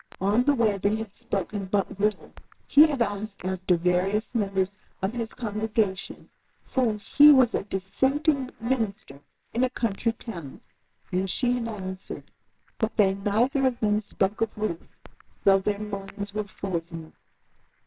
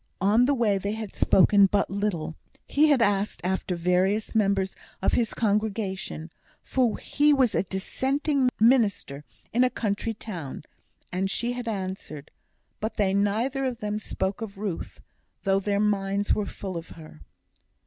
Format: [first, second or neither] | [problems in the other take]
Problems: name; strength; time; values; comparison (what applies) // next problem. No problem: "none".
second | noise reduction (neural separator model SepFormer WHAMR!)